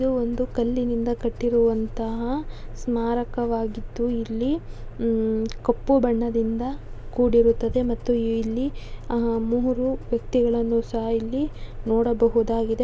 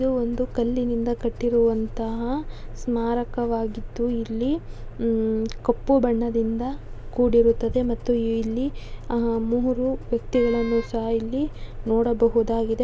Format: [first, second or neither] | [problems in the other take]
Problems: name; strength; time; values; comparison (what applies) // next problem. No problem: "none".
first | background sound (Wind instrument, woodwind instrument); 19 dB below the speech